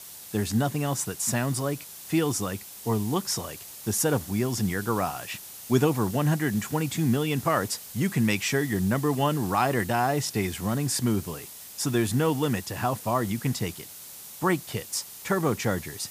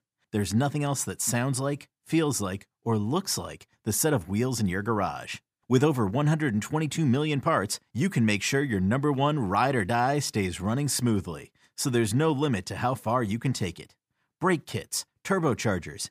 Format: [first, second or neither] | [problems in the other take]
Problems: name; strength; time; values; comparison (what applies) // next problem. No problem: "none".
second | hiss; noticeable; throughout; 15 dB below the speech